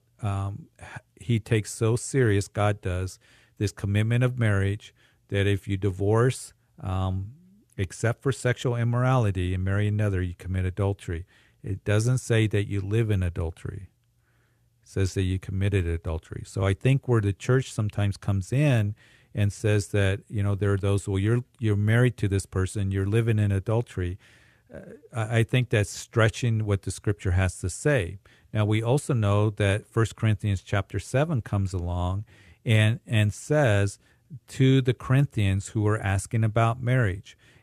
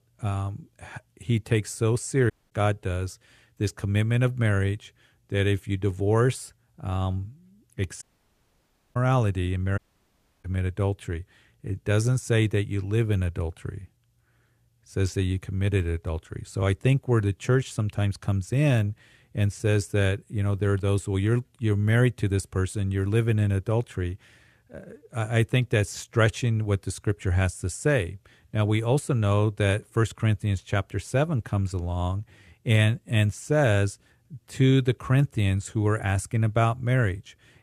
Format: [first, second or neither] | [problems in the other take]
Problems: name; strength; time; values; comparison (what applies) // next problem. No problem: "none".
first | audio cutting out; at 2.5 s, at 8 s for 1 s and at 10 s for 0.5 s